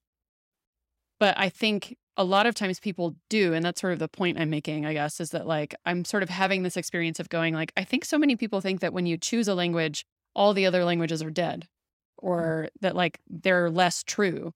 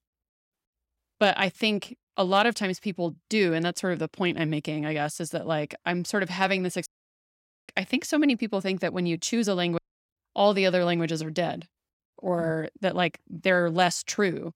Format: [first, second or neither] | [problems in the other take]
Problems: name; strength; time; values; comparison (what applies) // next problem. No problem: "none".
first | audio cutting out; at 7 s for 1 s and at 10 s